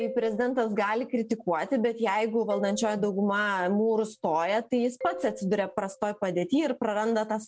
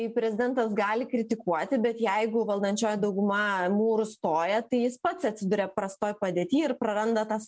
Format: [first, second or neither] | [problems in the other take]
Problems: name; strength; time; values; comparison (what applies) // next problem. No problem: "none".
second | background sound (Marimba, xylophone); 17 dB below the speech